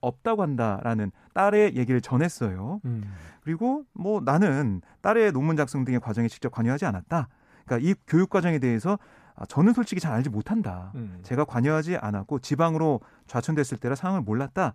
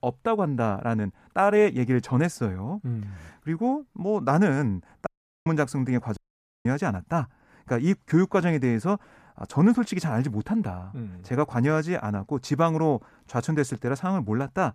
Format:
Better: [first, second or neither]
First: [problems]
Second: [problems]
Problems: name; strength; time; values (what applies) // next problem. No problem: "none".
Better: first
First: none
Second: audio cutting out; at 5 s and at 6 s